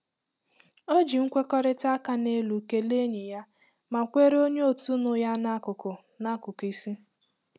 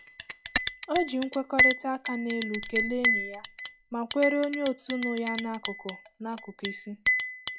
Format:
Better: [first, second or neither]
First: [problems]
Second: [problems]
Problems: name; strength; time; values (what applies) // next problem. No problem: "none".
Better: first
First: none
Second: noise reduction (classical method log-MMSE)